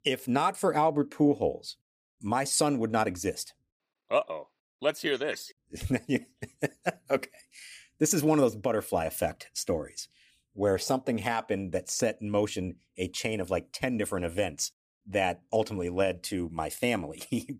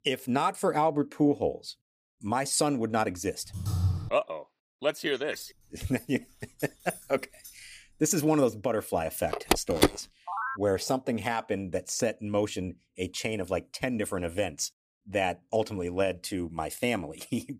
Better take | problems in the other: first | keyboard typing; loud; at 3.5 s; peak 1 dB above the speech // jangling keys; faint; from 5.5 to 8 s; peak 15 dB below the speech // phone ringing; loud; from 9.5 to 11 s; peak 4 dB above the speech

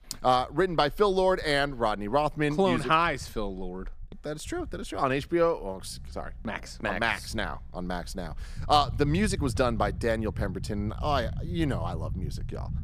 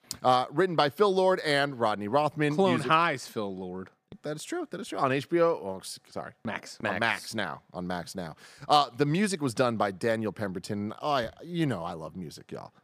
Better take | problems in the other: second | low rumble; faint; throughout; 25 dB below the speech

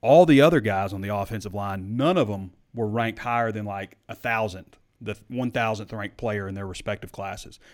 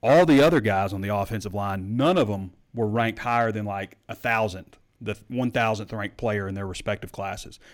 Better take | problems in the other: first | distortion; slight; 3% of the sound clipped

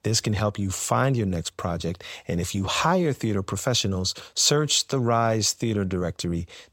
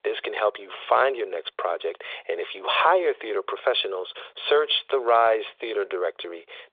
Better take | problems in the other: first | phone-call audio

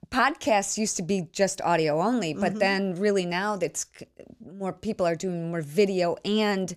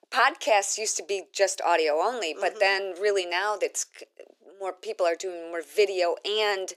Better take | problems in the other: first | thin; very; fading below 350 Hz

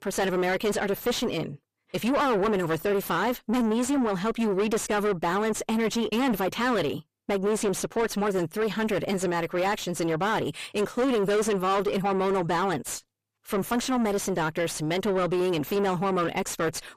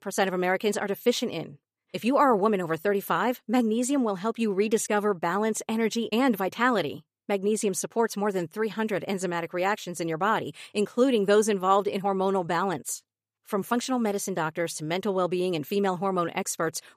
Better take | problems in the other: second | distortion; heavy; 6 dB below the speech

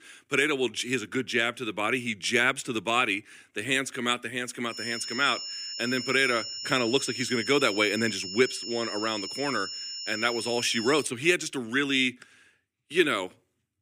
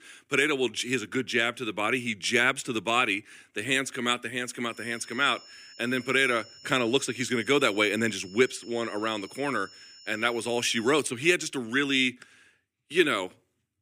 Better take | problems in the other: second | high-pitched whine; loud; from 4.5 to 11 s; 5.5 kHz, 7 dB below the speech; faint in the second

